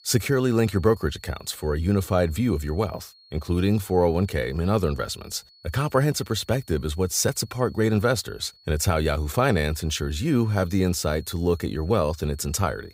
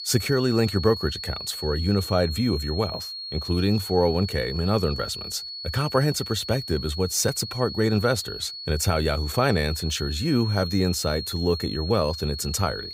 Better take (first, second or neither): first